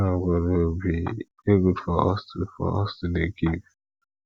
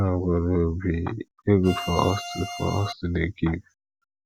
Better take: first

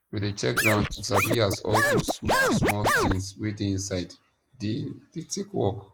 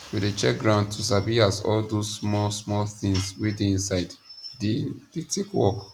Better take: second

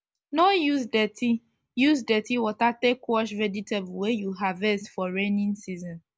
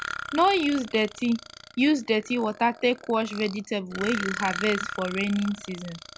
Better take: first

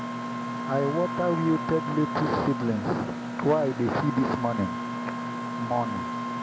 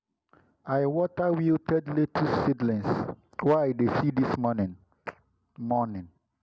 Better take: second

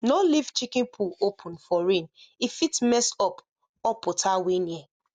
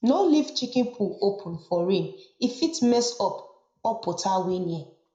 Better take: first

